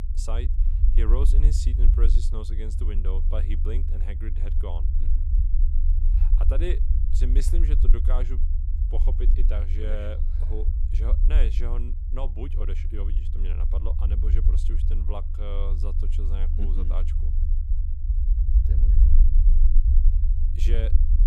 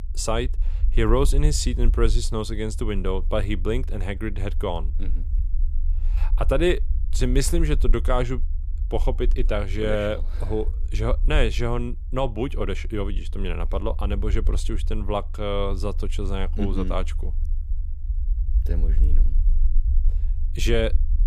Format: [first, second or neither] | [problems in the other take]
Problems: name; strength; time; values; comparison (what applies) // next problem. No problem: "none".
second | low rumble; loud; throughout; 5 dB below the speech; faint in the second